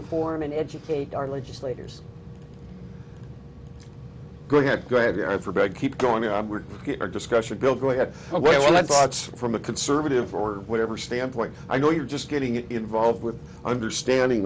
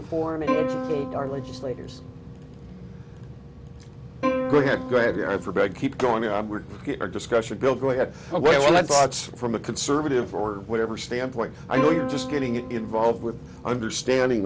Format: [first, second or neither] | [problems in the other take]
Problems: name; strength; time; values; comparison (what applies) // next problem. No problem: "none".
first | background sound (Plucked string instrument); 6 dB below the speech